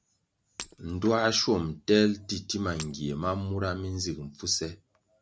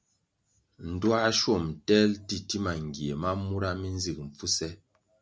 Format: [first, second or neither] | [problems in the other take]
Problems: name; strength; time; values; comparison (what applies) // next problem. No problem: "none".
second | background sound (Shatter); 20 dB below the speech